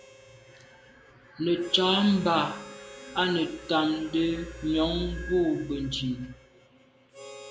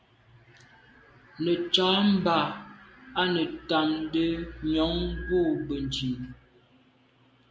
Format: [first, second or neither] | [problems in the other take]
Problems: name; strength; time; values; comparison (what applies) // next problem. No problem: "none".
second | background sound (Harmonica); 19 dB below the speech